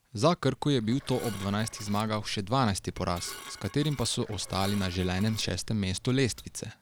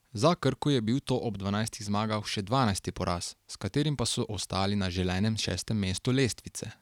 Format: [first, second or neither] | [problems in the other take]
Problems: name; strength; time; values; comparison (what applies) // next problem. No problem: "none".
second | background sound (Dishes, pots, and pans / Glass + Water); 16 dB below the speech